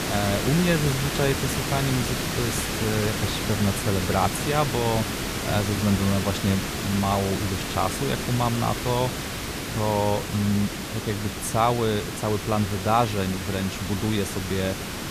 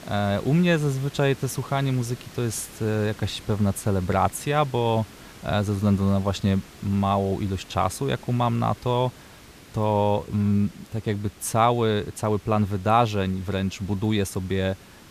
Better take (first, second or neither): second